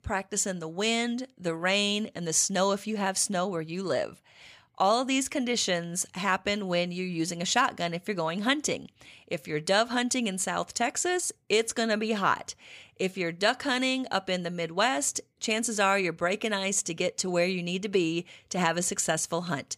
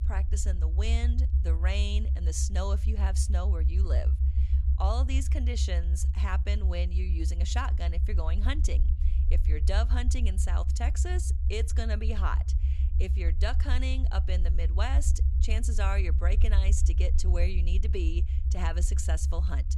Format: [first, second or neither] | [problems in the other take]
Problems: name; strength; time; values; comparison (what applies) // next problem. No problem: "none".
first | low rumble; loud; throughout; 8 dB below the speech